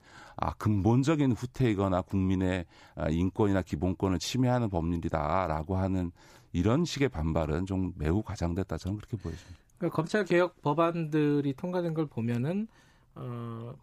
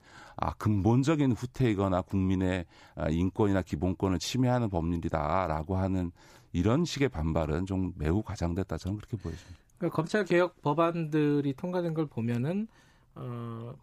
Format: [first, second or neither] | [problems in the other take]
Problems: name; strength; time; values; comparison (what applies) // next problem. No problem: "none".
neither | none